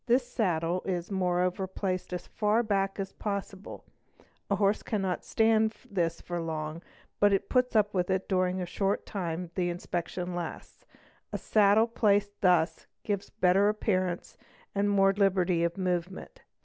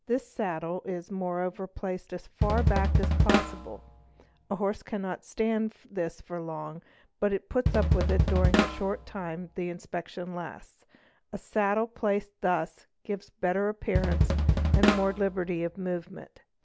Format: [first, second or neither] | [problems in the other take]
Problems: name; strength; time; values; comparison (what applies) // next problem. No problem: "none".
first | background sound (Drum kit); 5 dB above the speech